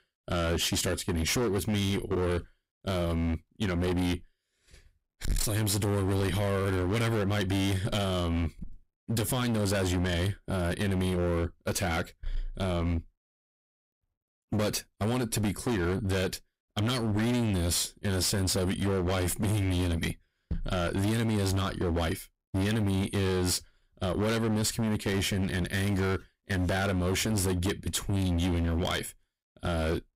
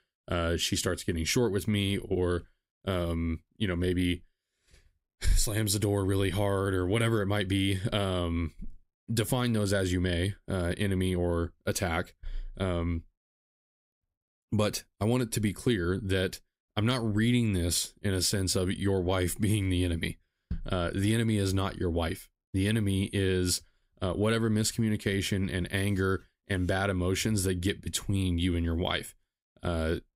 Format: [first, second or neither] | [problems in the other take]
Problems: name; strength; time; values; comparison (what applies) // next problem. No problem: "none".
second | distortion; heavy; 25% of the sound clipped